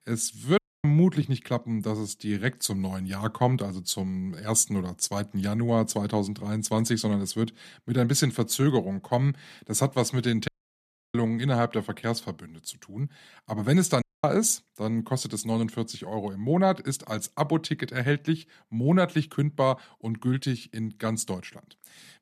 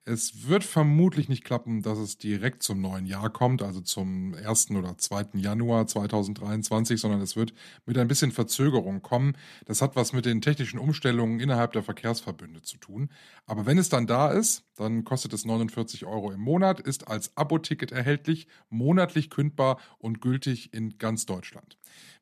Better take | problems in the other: second | audio cutting out; at 0.5 s, at 10 s for 0.5 s and at 14 s

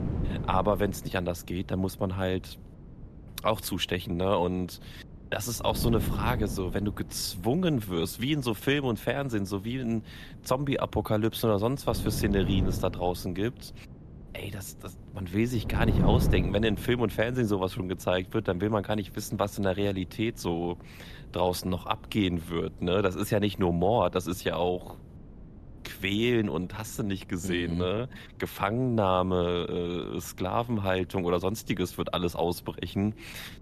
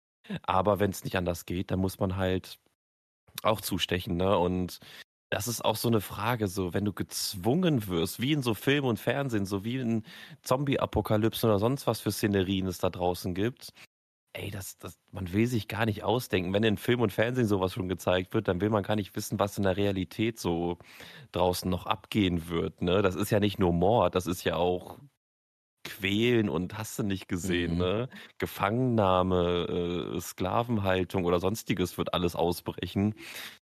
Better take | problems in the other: second | wind noise on the microphone; occasional gusts; 15 dB below the speech

